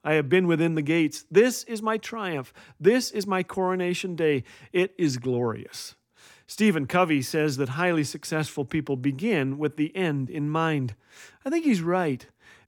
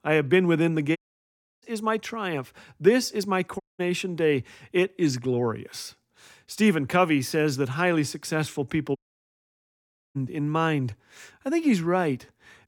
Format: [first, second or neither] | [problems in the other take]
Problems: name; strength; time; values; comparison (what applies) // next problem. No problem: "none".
first | audio cutting out; at 1 s for 0.5 s, at 3.5 s and at 9 s for 1 s